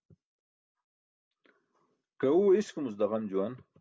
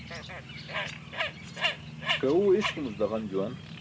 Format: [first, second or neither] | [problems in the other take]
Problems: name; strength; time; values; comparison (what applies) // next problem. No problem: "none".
first | background sound (Bird); 4 dB below the speech